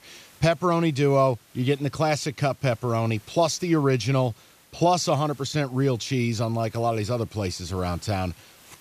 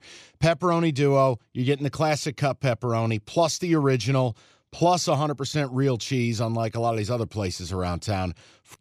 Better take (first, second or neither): second